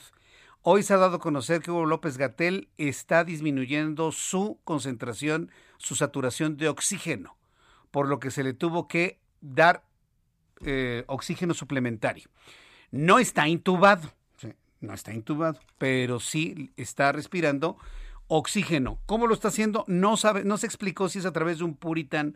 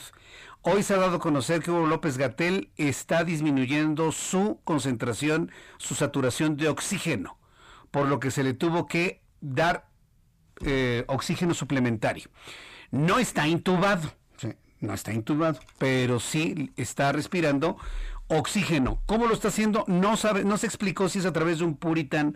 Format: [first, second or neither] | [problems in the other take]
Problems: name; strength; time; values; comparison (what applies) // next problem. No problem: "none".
first | distortion; heavy; 6 dB below the speech